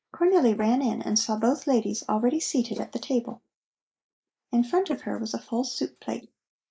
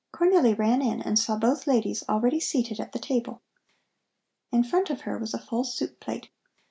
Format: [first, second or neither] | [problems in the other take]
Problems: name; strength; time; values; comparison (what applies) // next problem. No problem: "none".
second | noise reduction (neural mask model Resemble Enhance denoiser)